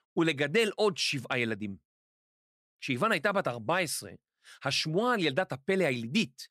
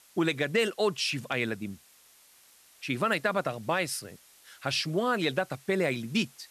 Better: first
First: none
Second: hiss; faint; throughout; 25 dB below the speech

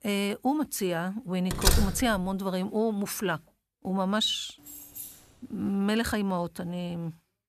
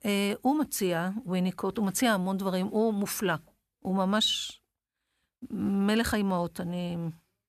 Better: second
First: door banging; loud; at 1.5 s; peak 4 dB above the speech // jangling keys; faint; at 4.5 s; peak 10 dB below the speech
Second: none

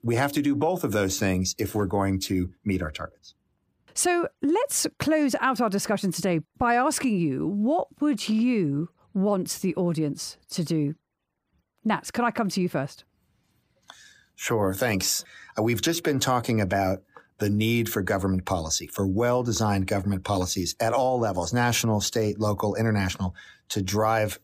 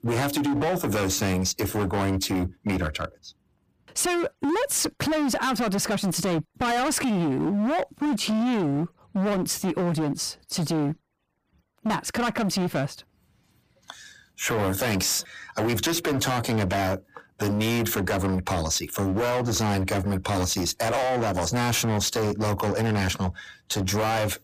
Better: first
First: none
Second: distortion; heavy; 28% of the sound clipped

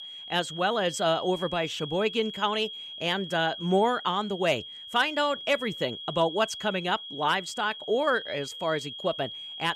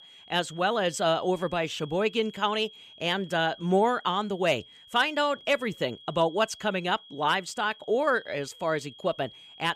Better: second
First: high-pitched whine; loud; throughout; 3.5 kHz, 10 dB below the speech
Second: high-pitched whine; faint; throughout; 3.5 kHz, 20 dB below the speech

